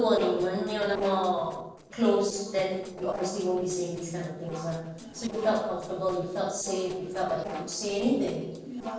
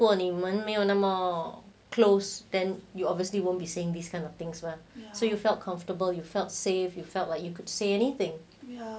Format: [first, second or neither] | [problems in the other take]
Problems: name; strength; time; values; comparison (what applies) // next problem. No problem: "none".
second | noise reduction (neural separator model SepFormer DNS4)